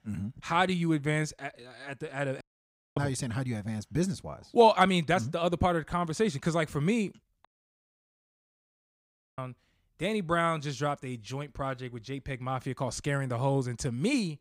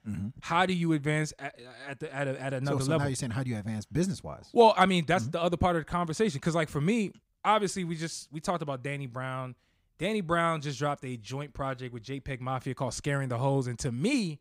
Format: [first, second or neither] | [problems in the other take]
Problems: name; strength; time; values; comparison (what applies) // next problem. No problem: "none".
second | audio cutting out; at 2.5 s for 0.5 s and at 7.5 s for 2 s